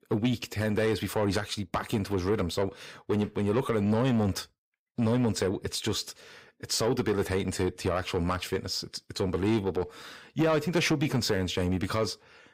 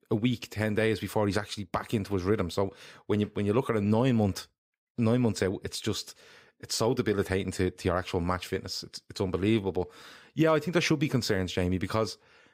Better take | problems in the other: second | distortion; slight; 10 dB below the speech

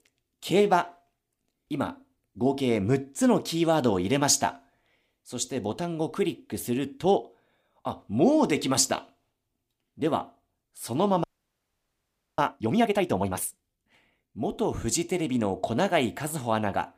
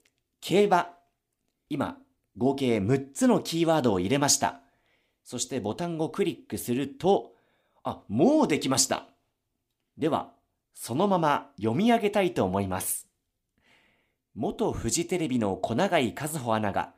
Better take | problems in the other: second | audio freezing; at 11 s for 1 s

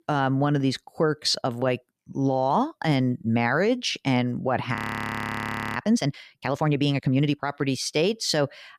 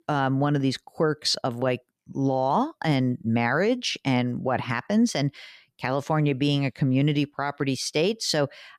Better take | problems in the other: second | audio freezing; at 5 s for 1 s

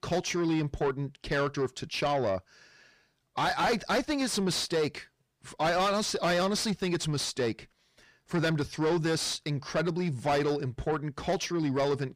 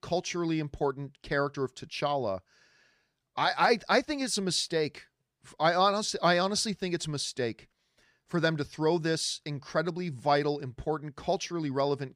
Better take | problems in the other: second | distortion; heavy; 7 dB below the speech

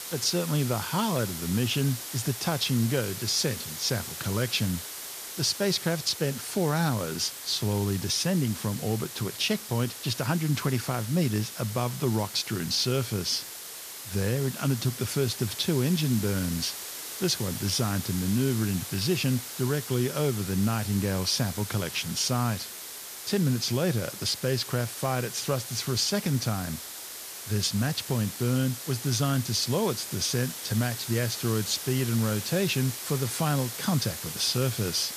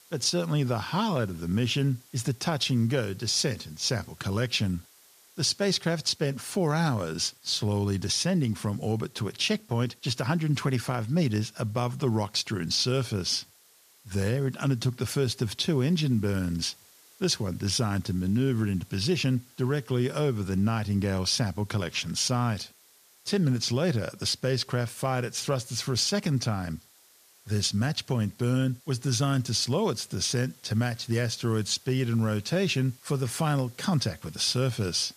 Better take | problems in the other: second | hiss; loud; throughout; 8 dB below the speech; faint in the second

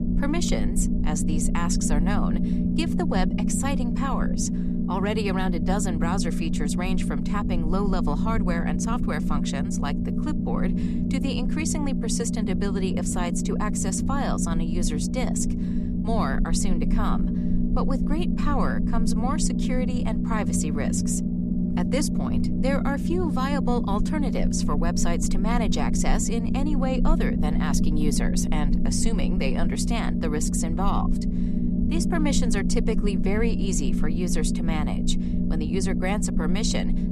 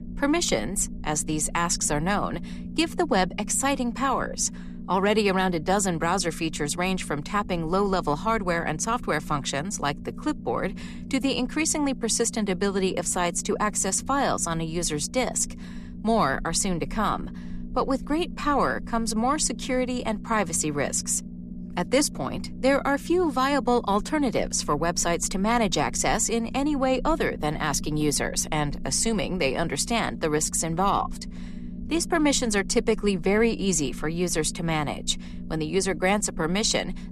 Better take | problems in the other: second | low rumble; loud; throughout; 2 dB below the speech; faint in the second

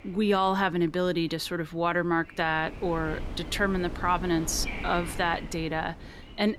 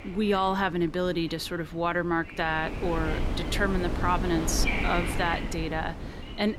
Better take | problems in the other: first | wind noise on the microphone; heavy; 7 dB below the speech; occasional gusts in the first

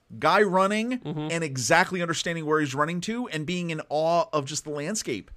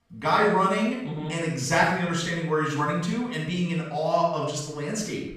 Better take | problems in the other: first | off-mic speech; far // room echo; noticeable; dies away in 0.6 s

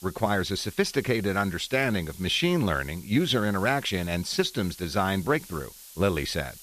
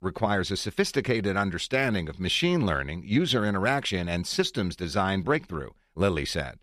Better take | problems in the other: second | hiss; noticeable; throughout; 20 dB below the speech

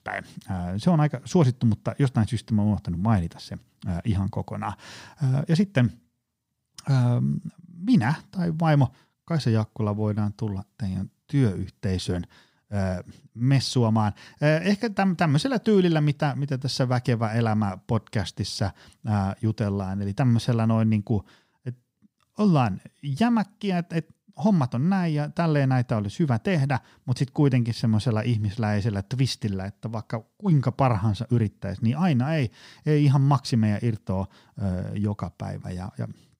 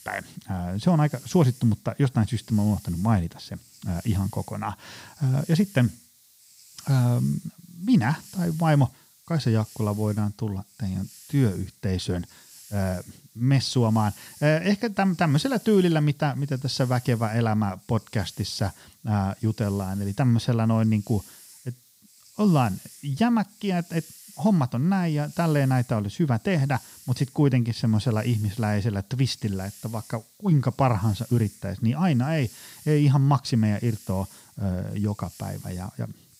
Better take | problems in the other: first | hiss; faint; throughout; 20 dB below the speech

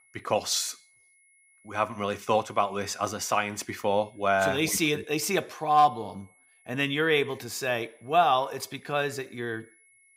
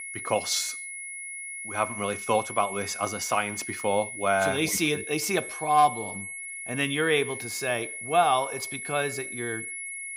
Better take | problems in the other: first | high-pitched whine; loud; throughout; 2 kHz, 8 dB below the speech; faint in the first

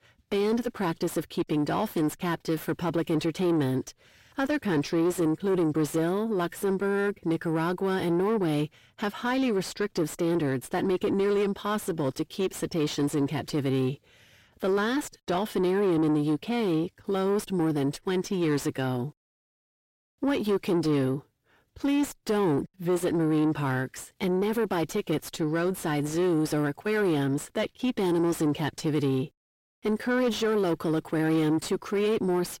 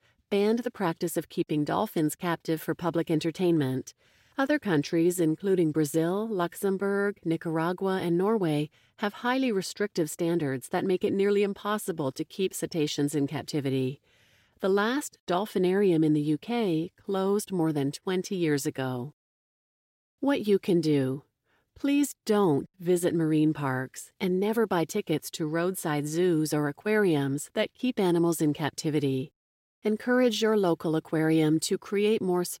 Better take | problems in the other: second | distortion; slight; 10 dB below the speech

